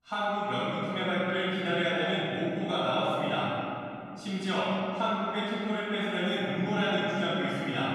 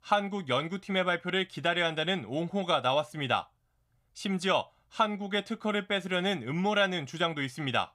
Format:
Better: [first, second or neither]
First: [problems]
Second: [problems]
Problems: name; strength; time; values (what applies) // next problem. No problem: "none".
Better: second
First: off-mic speech; far // room echo; strong; dies away in 3 s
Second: none